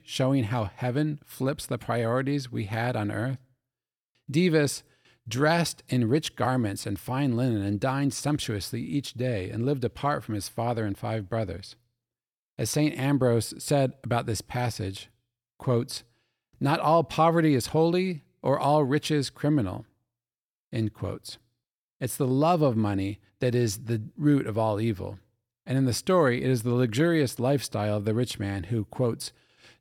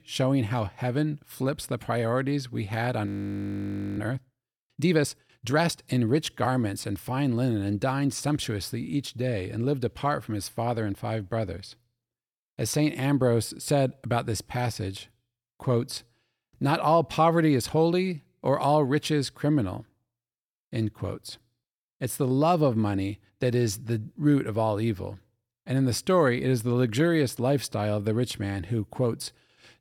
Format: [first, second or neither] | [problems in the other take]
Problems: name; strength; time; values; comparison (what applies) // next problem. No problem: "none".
first | audio freezing; at 3 s for 1 s